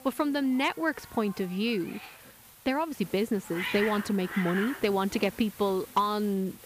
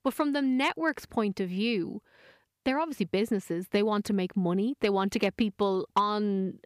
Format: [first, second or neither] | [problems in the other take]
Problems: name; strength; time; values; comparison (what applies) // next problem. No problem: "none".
second | hiss; noticeable; throughout; 10 dB below the speech